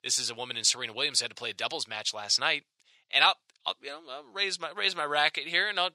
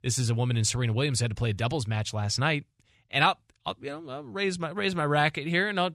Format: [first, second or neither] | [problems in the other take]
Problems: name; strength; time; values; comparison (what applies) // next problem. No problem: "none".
second | thin; very; fading below 550 Hz